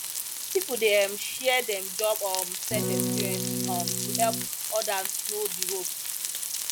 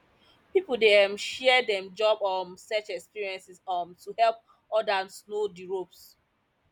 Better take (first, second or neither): second